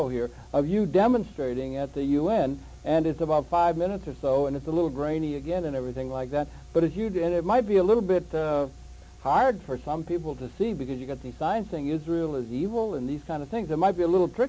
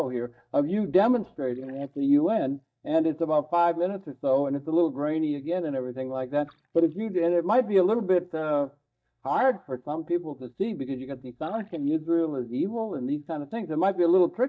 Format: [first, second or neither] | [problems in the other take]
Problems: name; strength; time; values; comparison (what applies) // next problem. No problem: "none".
first | noise reduction (neural mask model DeepFilterNet 3)